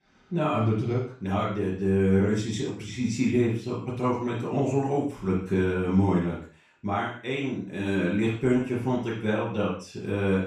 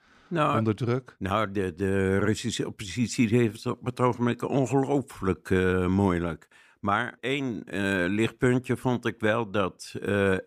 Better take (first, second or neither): second